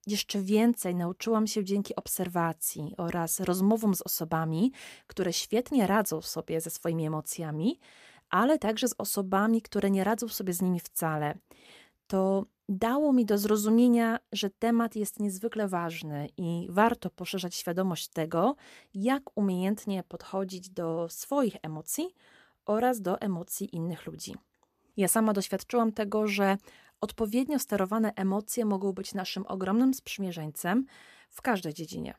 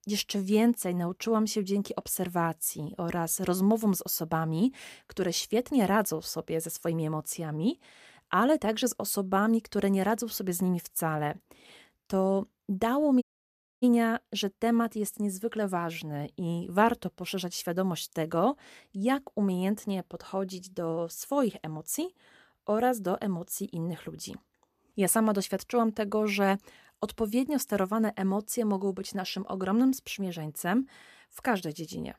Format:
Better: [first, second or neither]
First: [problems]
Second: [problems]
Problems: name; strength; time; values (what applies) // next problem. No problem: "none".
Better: first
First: none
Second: audio cutting out; at 13 s for 0.5 s